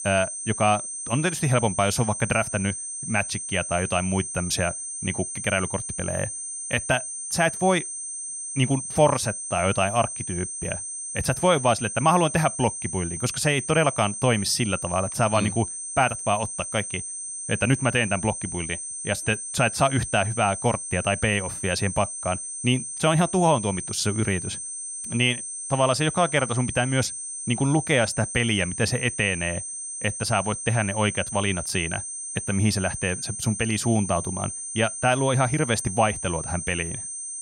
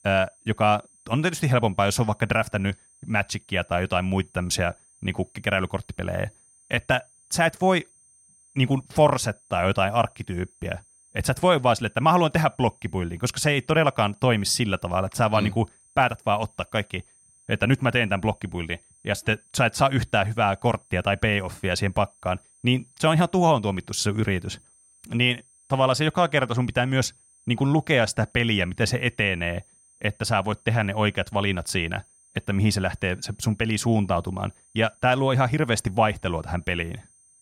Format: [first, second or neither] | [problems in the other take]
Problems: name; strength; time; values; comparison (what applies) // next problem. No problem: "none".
second | high-pitched whine; loud; throughout; 8.5 kHz, 6 dB below the speech; faint in the second